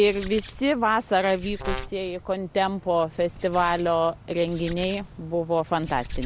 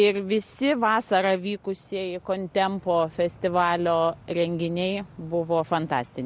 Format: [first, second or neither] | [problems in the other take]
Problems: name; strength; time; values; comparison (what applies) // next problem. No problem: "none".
second | background sound (Brass instrument + Hands); 13 dB below the speech